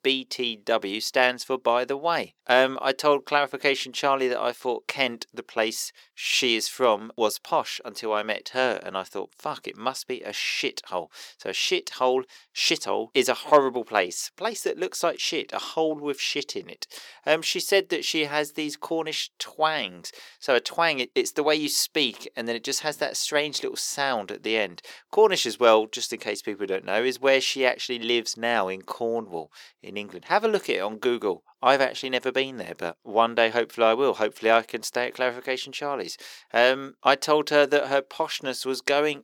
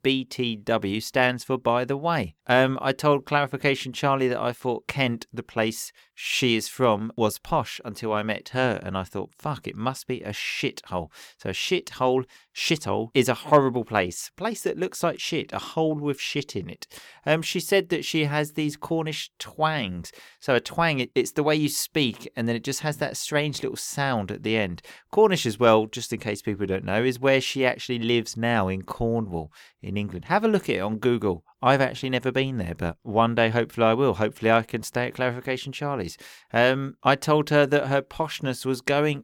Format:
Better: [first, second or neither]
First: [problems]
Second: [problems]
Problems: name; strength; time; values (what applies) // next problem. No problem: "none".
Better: second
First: thin; somewhat; fading below 400 Hz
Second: none